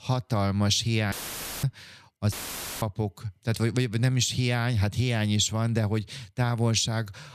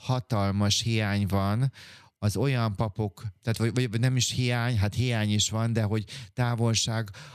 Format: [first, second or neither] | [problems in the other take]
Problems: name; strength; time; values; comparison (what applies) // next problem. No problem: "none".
second | audio cutting out; filled with static; at 1 s for 0.5 s and at 2.5 s for 0.5 s